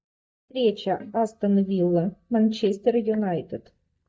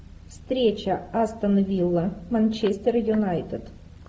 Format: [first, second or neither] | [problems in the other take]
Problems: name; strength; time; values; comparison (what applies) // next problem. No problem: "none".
second | noise reduction (neural mask model DeepFilterNet 3)